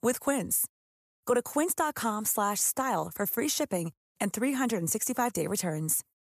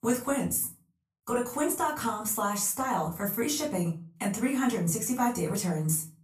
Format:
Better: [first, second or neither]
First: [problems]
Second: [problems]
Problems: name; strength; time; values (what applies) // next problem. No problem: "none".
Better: first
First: none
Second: off-mic speech; far // room echo; very slight; dies away in 0.3 s